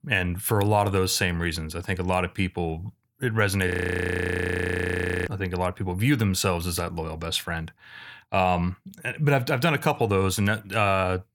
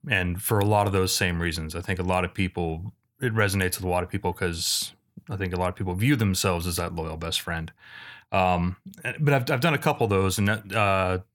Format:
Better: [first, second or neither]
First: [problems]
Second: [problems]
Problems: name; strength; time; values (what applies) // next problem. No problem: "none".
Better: second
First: audio freezing; at 3.5 s for 1.5 s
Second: none